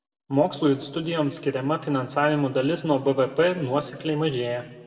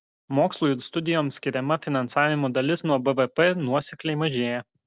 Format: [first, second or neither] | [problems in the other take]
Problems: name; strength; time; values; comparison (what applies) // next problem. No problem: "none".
second | room echo; dies away in 1.2 s